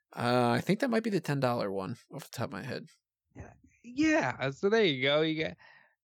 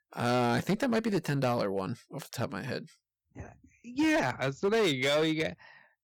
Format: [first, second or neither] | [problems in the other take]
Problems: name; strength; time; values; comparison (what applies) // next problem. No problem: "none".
first | distortion; slight; 8% of the sound clipped